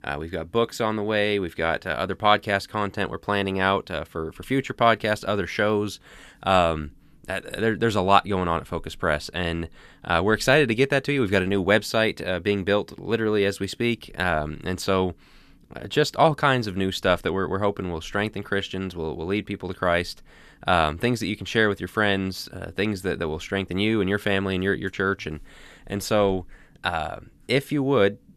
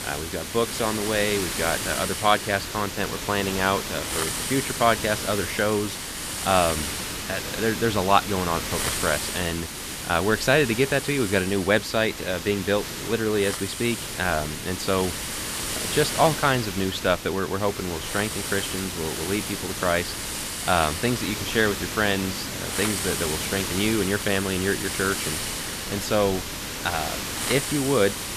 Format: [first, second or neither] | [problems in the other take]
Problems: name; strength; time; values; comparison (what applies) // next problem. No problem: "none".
first | hiss; loud; throughout; 4 dB below the speech